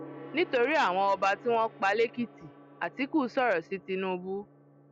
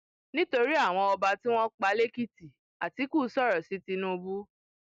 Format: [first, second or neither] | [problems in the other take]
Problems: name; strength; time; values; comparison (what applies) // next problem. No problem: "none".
second | background sound (Gong); 19 dB below the speech